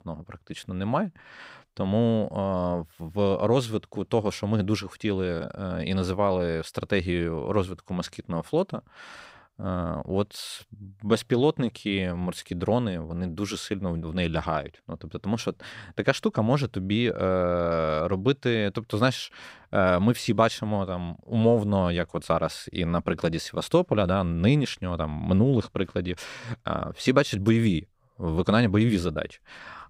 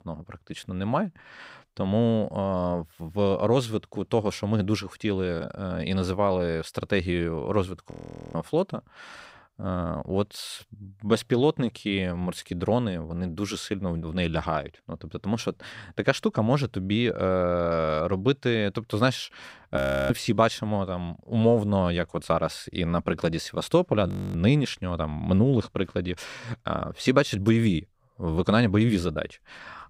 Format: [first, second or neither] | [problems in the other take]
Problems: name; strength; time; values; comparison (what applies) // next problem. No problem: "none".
first | audio freezing; at 8 s, at 20 s and at 24 s